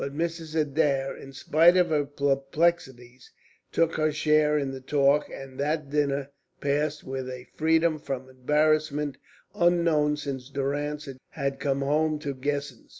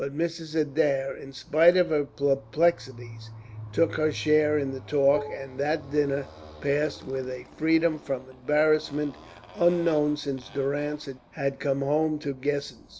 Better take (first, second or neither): first